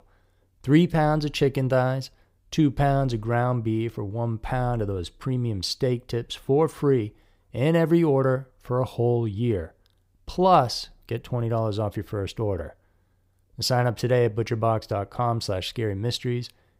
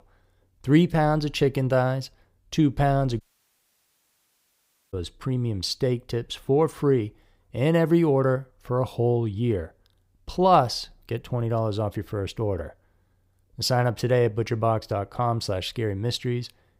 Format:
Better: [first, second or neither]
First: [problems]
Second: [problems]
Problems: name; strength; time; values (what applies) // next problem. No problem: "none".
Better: first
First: none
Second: audio cutting out; at 3 s for 1.5 s